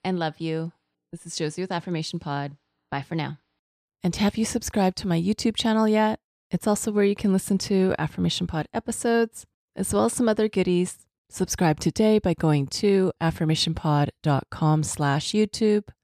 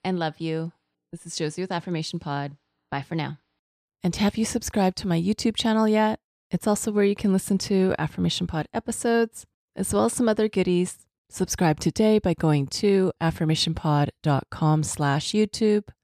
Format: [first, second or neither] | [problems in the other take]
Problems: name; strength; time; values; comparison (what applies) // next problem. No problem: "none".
neither | none